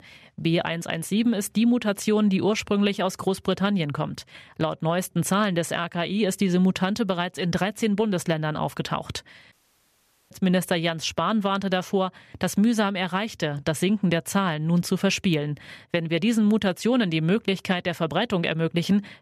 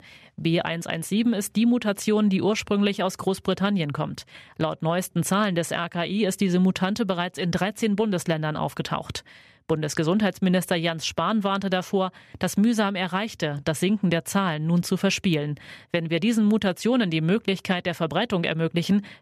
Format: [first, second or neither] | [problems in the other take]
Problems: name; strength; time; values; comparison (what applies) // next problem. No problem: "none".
second | audio cutting out; at 9.5 s for 1 s